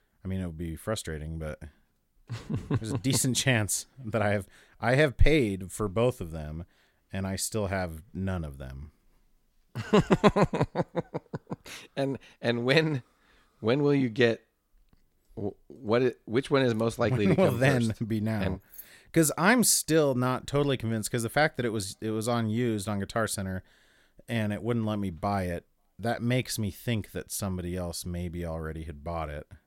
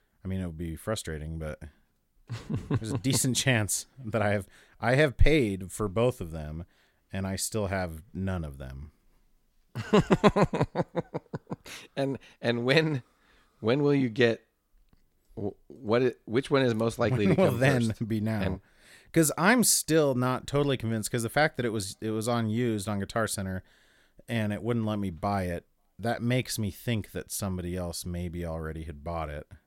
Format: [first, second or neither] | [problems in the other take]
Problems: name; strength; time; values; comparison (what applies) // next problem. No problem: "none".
second | jangling keys; faint; at 19 s; peak 20 dB below the speech